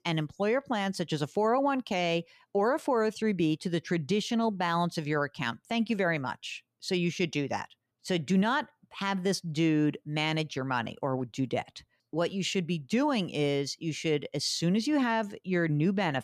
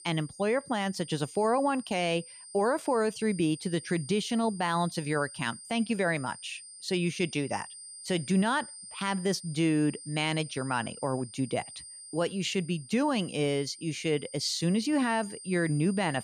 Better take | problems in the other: first | high-pitched whine; noticeable; throughout; 9 kHz, 15 dB below the speech

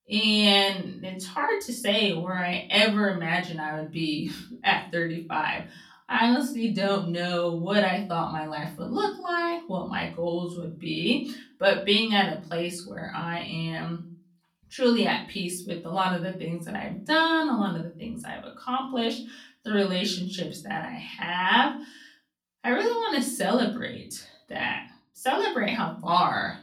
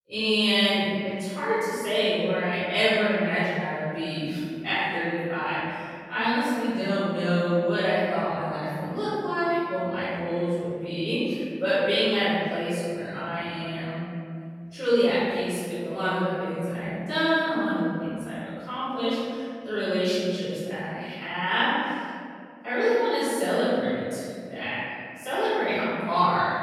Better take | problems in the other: first | room echo; strong; dies away in 2.3 s; slight in the first // off-mic speech; far; far in the first

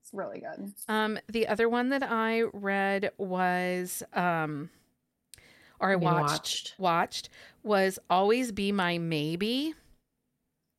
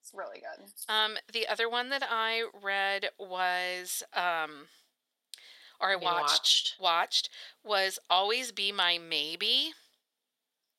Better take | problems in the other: first | thin; very; fading below 650 Hz

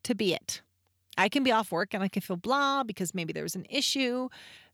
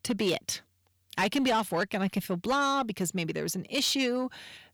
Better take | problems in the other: first | distortion; slight; 10 dB below the speech

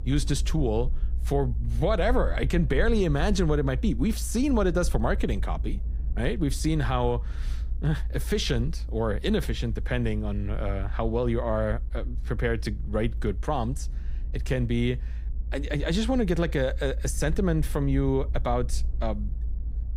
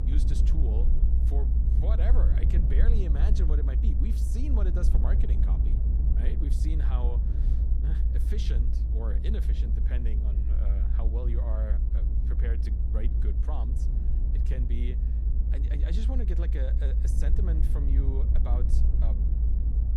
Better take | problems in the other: first | low rumble; loud; throughout; 2 dB below the speech; faint in the first

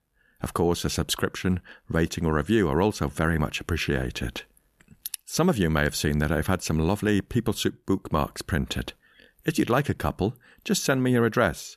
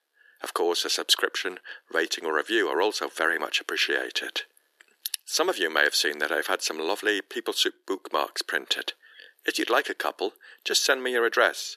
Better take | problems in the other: first | thin; very; fading below 350 Hz

